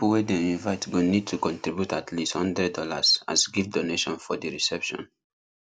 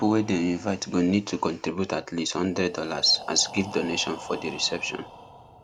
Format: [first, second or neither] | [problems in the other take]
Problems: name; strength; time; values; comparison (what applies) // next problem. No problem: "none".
first | background sound (Breathing); 17 dB below the speech